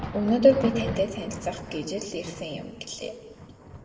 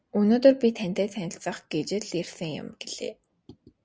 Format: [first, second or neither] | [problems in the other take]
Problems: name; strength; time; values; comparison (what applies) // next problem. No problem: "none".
second | background sound (Thunder); 11 dB below the speech // room echo; dies away in 1.6 s